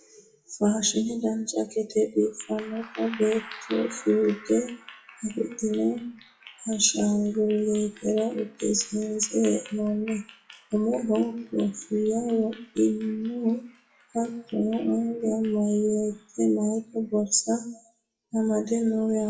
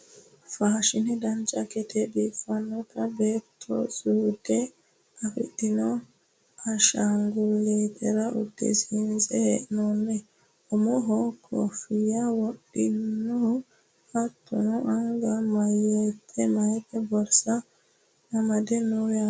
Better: second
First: noise reduction (classical method WPE with log-MMSE)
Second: none

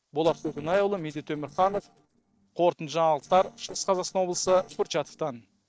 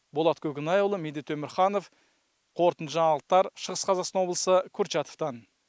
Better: second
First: noise reduction (neural separator model SepFormer DNS4)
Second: none

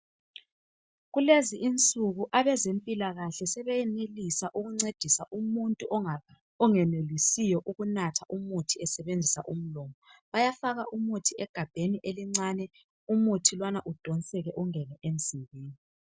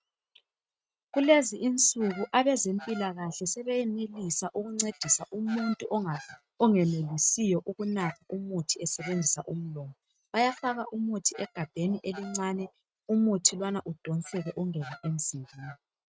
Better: first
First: none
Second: noise reduction (neural mask model RNNoise)

